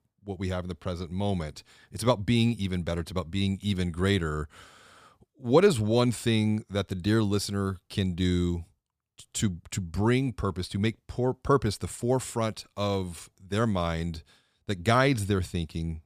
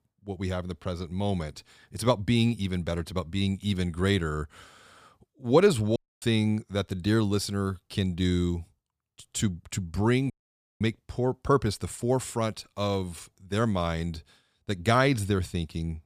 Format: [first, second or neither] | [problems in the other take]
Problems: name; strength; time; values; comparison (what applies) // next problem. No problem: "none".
first | audio cutting out; at 6 s and at 10 s for 0.5 s